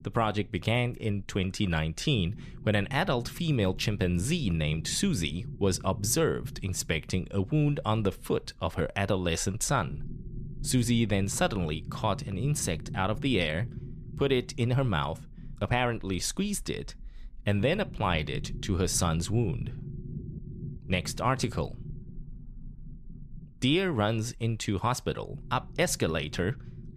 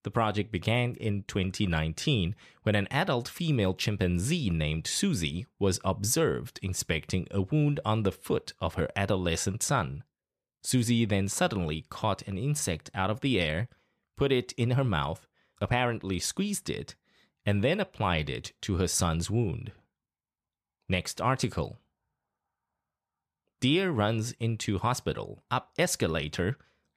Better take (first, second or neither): second